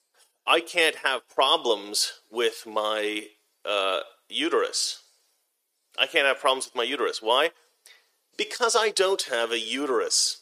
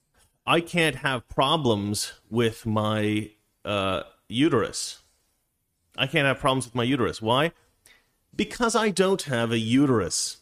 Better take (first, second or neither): second